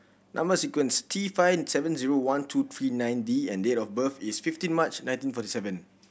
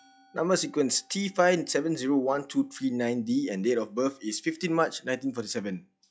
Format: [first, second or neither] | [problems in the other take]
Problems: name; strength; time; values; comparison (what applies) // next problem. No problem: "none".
first | noise reduction (classical method log-MMSE)